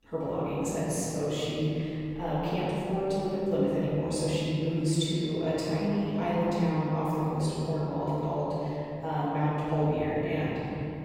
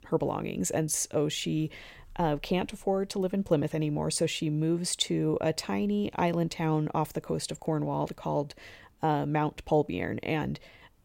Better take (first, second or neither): second